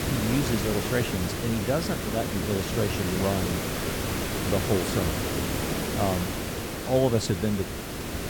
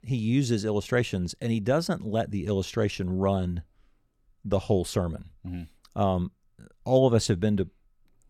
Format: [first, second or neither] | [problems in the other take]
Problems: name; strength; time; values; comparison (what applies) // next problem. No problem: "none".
second | hiss; loud; throughout; 1 dB below the speech